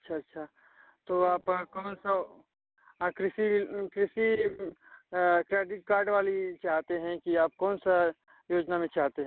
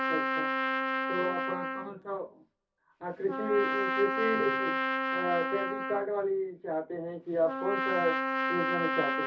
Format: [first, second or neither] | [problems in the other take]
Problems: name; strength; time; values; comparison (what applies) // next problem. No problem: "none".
first | background sound (Trumpet); 1 dB above the speech // room echo; dies away in 0.3 s